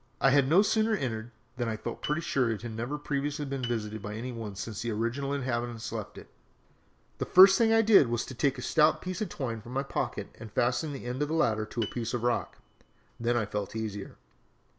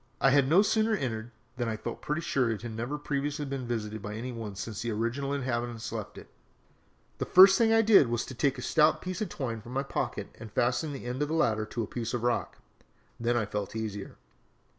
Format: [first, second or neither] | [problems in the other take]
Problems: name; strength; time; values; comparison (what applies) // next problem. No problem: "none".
second | background sound (Piano); 18 dB below the speech